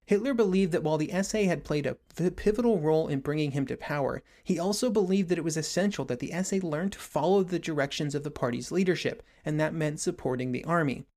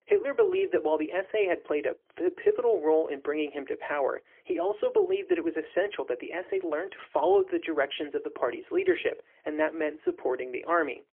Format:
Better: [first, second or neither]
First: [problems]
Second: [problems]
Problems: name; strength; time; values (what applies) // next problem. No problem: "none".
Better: first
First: none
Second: phone-call audio; poor line; nothing above 3.5 kHz